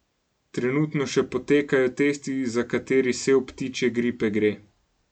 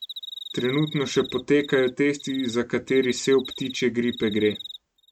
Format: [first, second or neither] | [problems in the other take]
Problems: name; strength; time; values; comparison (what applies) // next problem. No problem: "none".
first | noise reduction (neural mask model RNNoise)